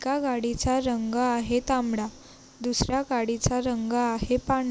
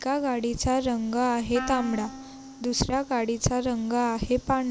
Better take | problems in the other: first | background sound (Wind instrument, woodwind instrument); 14 dB below the speech

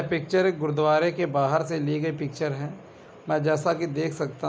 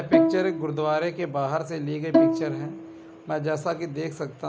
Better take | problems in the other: first | background sound (Bowed string instrument); 2 dB above the speech

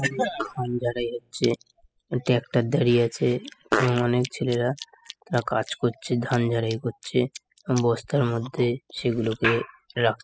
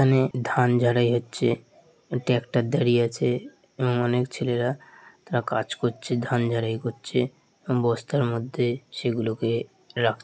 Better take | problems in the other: second | noise reduction (classical method spectral subtraction)

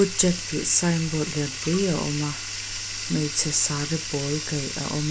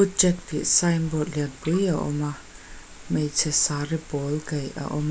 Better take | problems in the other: second | background sound (Bathtub (filling or washing)); 7 dB below the speech

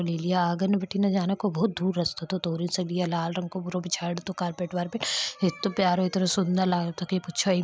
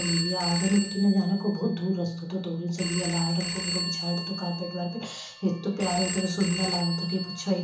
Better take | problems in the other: first | background sound (Telephone); 6 dB below the speech // room echo; dies away in 0.8 s

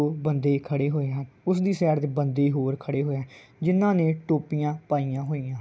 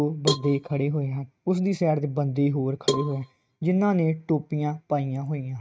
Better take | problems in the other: first | noise reduction (neural mask model RNNoise)

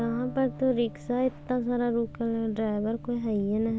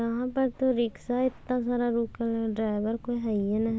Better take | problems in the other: second | background sound (Electric guitar); 17 dB below the speech

